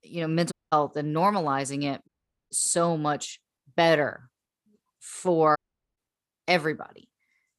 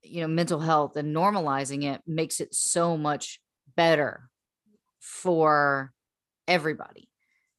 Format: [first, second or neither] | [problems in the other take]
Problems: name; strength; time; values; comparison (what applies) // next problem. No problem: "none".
second | audio cutting out; at 0.5 s, at 2 s and at 5.5 s